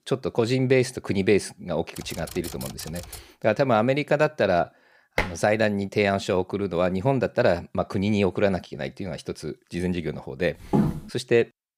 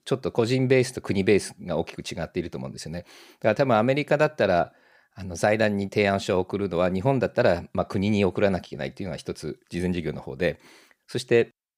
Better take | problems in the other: second | keyboard typing; faint; from 2 to 3 s; peak 10 dB below the speech // clattering dishes; noticeable; at 5 s; peak 4 dB below the speech // footsteps; loud; at 11 s; peak 1 dB above the speech

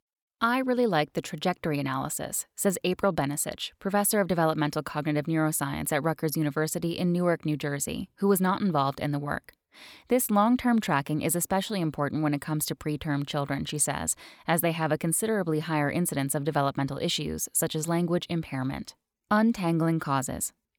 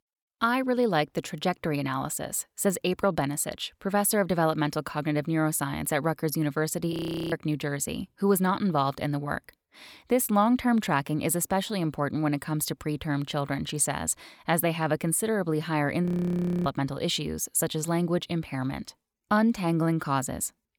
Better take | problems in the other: first | audio freezing; at 7 s and at 16 s for 0.5 s

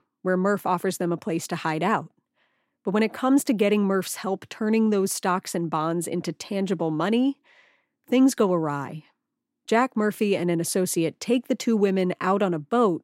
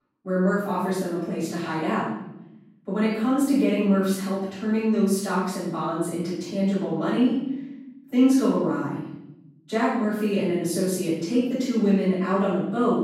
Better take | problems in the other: first | off-mic speech; far // room echo; strong; dies away in 0.9 s

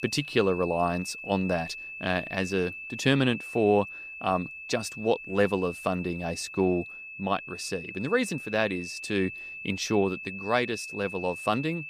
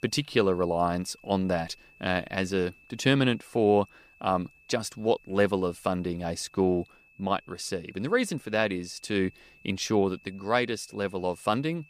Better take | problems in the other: second | high-pitched whine; loud; throughout; 2.5 kHz, 10 dB below the speech; faint in the second

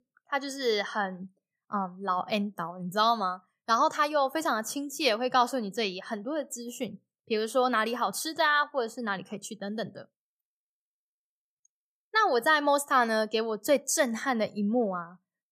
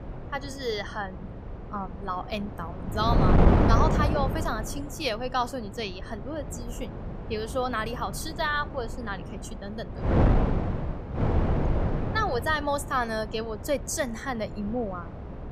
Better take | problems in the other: first | wind noise on the microphone; heavy; 4 dB below the speech

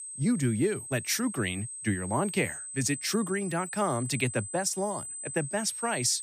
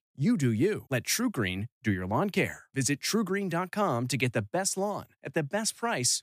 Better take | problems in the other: second | high-pitched whine; loud; throughout; 8.5 kHz, 7 dB below the speech

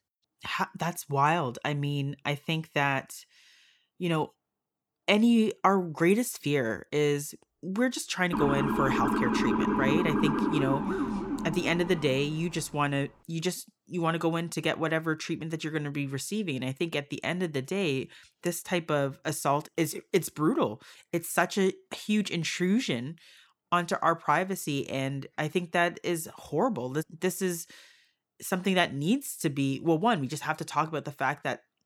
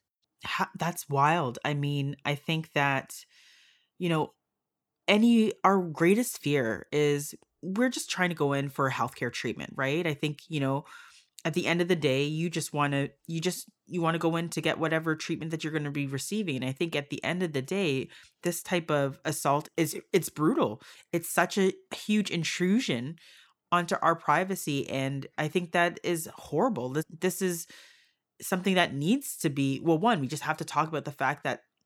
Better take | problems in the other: second | siren; loud; from 8.5 to 12 s; peak 2 dB above the speech

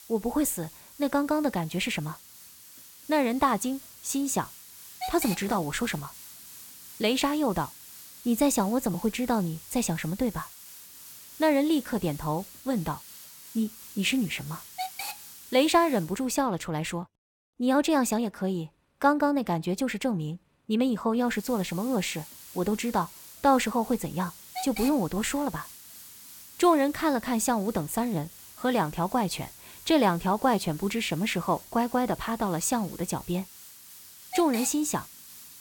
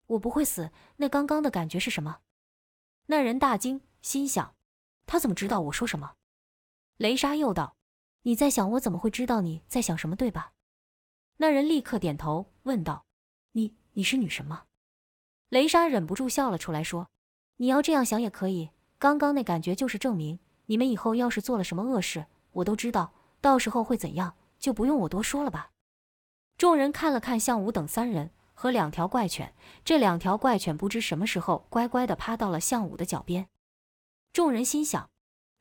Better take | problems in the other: second | hiss; noticeable; until 16 s and from 21 s on; 15 dB below the speech

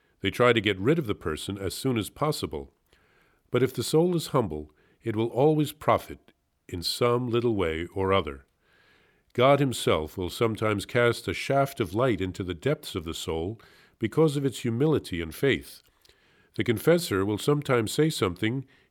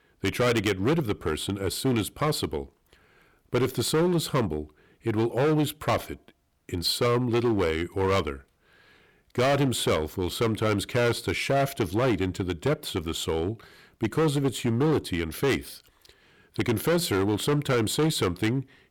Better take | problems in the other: first | distortion; heavy; 11% of the sound clipped

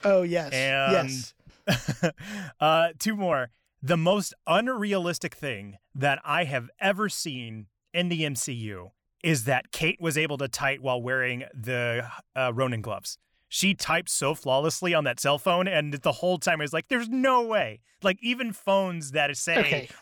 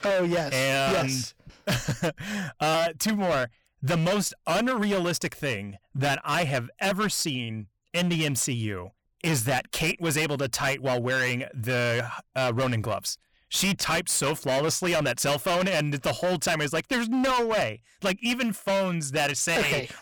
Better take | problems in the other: first | distortion; heavy; 21% of the sound clipped

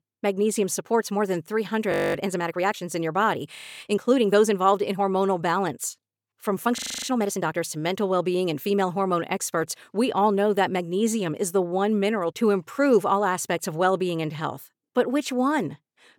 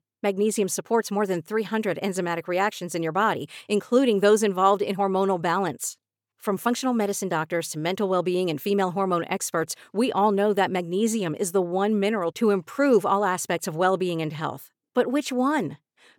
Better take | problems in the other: second | audio freezing; at 2 s, at 3.5 s and at 7 s

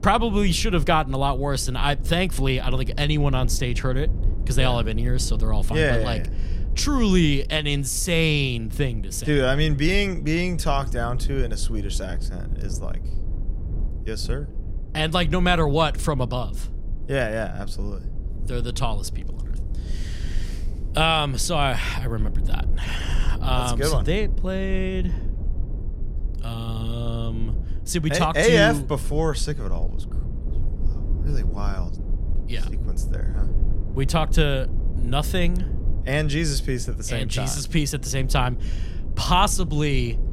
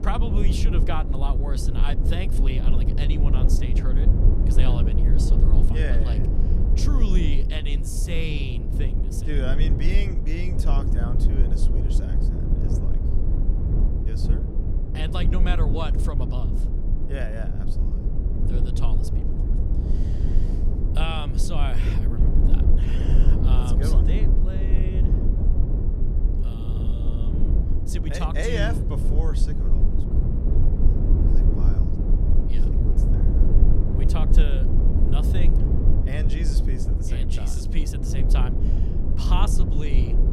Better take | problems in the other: first | low rumble; loud; throughout; 2 dB below the speech; faint in the first

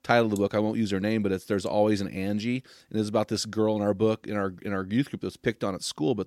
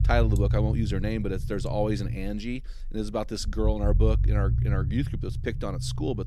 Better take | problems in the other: first | low rumble; noticeable; throughout; 10 dB below the speech

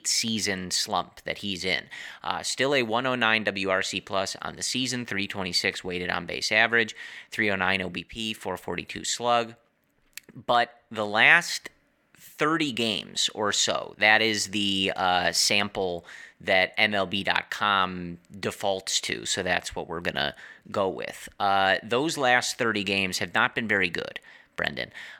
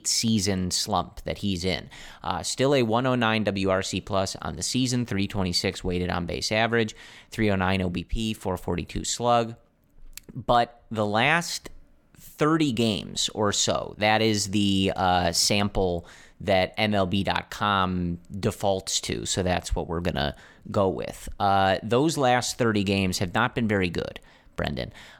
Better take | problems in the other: second | thin; very slightly; fading below 600 Hz

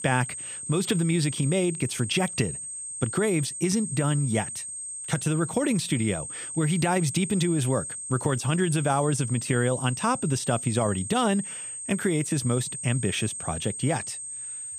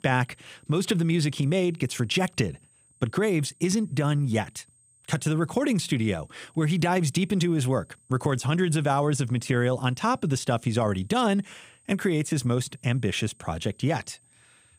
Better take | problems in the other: second | high-pitched whine; loud; throughout; 8.5 kHz, 7 dB below the speech; faint in the second

